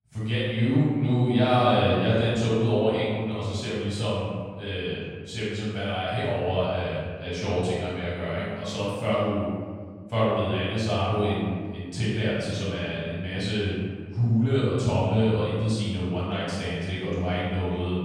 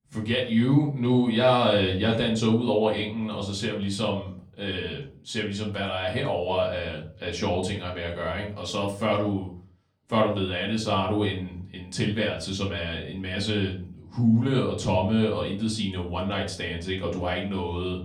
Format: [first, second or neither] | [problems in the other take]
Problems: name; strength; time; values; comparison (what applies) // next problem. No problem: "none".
second | room echo; strong; dies away in 1.6 s; slight in the second // off-mic speech; far; far in the second